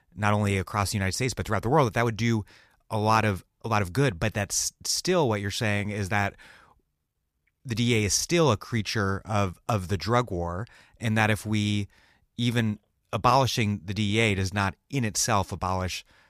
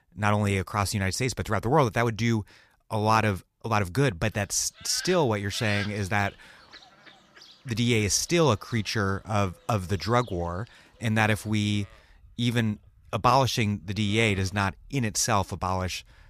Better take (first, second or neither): first